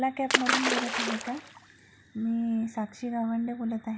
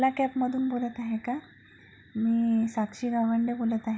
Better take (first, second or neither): second